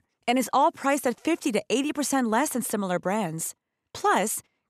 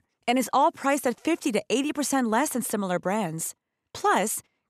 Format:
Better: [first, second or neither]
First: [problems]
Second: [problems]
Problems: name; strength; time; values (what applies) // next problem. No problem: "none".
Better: neither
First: none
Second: none